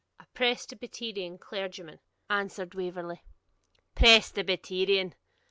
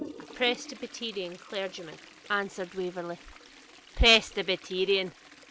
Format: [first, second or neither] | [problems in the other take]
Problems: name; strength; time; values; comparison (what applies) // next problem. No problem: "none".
first | background sound (Toilet flush); 18 dB below the speech